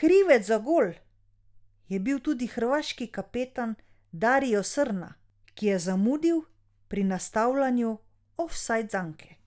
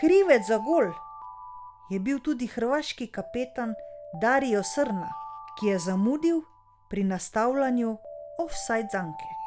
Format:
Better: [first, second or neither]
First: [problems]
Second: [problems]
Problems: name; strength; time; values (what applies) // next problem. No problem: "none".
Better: first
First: none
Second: background sound (Alarm); 14 dB below the speech